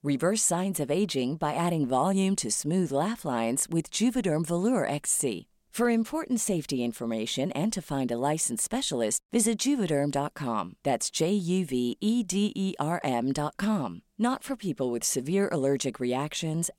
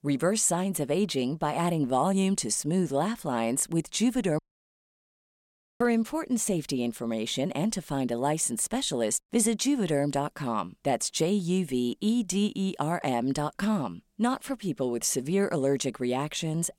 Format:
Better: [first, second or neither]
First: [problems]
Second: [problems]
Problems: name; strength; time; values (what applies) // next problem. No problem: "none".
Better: first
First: none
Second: audio cutting out; at 4.5 s for 1.5 s